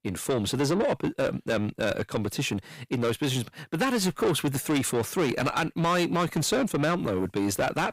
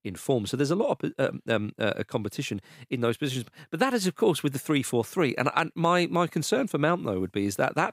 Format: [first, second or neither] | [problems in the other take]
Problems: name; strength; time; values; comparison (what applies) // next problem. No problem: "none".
second | distortion; heavy; 7 dB below the speech